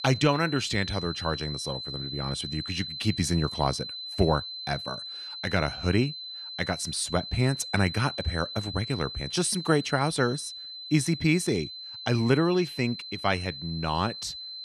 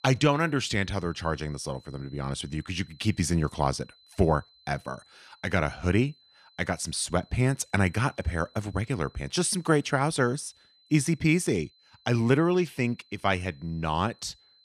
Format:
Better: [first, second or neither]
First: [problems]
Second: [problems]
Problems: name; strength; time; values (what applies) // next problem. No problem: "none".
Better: second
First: high-pitched whine; loud; throughout; 4 kHz, 8 dB below the speech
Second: high-pitched whine; faint; throughout; 4 kHz, 30 dB below the speech